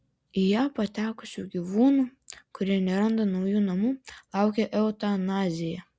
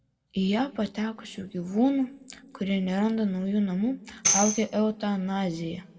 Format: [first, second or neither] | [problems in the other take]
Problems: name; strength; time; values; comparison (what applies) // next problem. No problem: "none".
first | background sound (Tambourine); 3 dB below the speech // room echo; dies away in 1.3 s